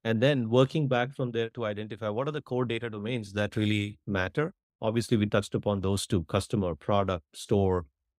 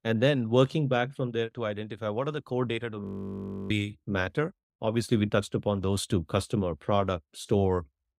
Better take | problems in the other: first | audio freezing; at 3 s for 0.5 s

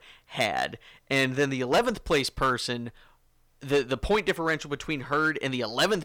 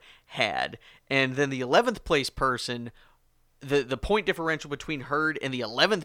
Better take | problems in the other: second | distortion; slight; 3% of the sound clipped

